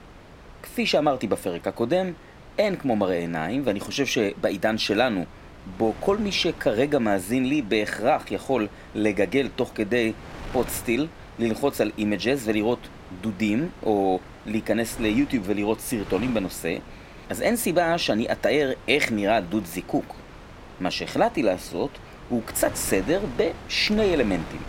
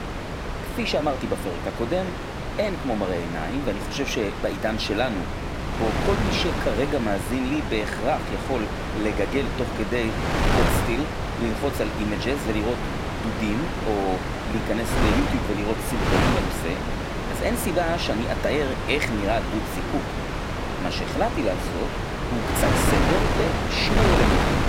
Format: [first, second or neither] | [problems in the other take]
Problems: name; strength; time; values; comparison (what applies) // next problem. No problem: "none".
first | wind noise on the microphone; heavy; as loud as the speech; occasional gusts in the first